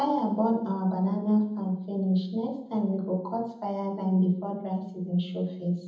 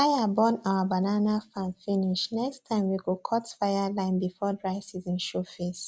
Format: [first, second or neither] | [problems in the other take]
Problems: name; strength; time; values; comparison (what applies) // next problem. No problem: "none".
second | room echo; dies away in 0.8 s